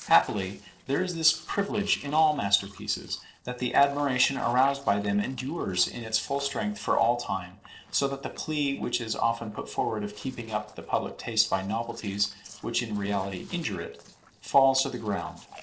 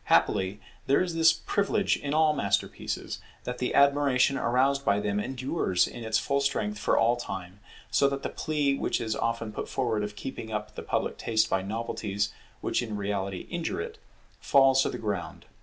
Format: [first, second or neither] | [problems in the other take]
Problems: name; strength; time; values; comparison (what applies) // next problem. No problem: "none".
second | noise reduction (neural separator model SepFormer DNS4)